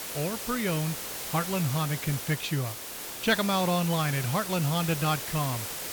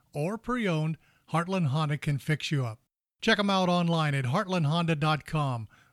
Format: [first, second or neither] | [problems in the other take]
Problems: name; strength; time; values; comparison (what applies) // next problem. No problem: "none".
second | hiss; loud; throughout; 5 dB below the speech